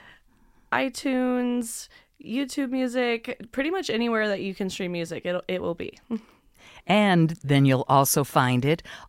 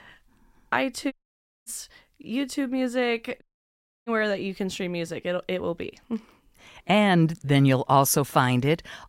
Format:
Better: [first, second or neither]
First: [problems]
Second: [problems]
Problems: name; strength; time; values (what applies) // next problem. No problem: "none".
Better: first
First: none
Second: audio cutting out; at 1 s for 0.5 s and at 3.5 s for 0.5 s